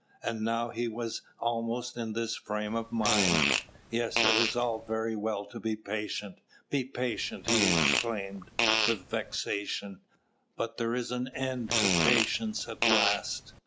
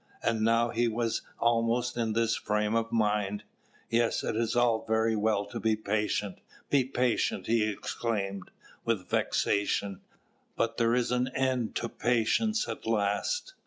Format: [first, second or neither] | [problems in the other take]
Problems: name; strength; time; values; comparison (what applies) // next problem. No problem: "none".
second | background sound (Fart); 3 dB above the speech